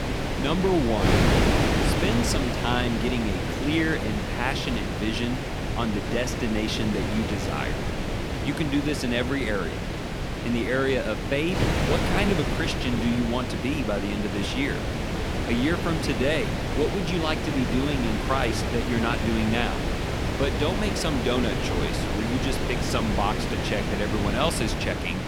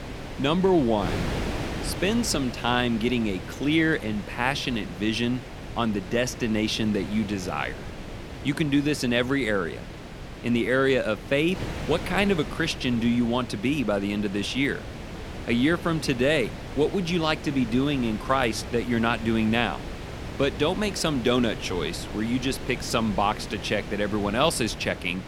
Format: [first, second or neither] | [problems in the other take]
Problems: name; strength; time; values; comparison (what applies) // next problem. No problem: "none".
second | wind noise on the microphone; heavy; 1 dB below the speech; occasional gusts in the second